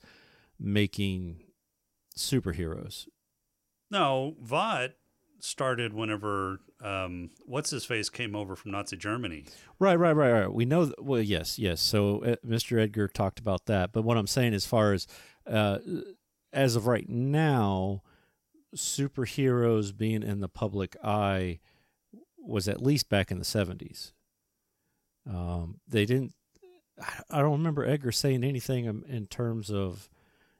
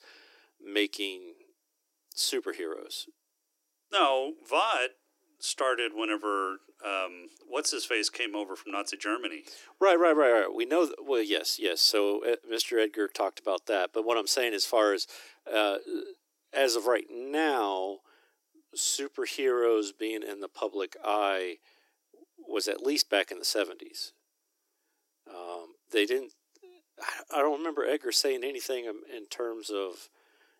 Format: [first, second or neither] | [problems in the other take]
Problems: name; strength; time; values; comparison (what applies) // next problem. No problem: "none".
first | thin; very; fading below 300 Hz